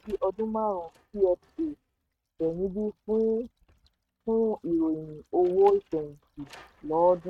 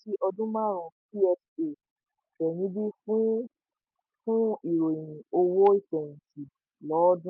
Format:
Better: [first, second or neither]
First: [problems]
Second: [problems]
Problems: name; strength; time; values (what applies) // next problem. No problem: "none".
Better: second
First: noise reduction (neural mask model RNNoise)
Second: none